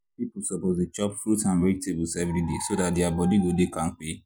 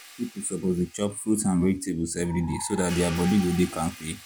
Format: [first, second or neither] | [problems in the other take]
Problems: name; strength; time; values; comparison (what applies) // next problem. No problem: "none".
first | background sound (Hi-hat); 18 dB below the speech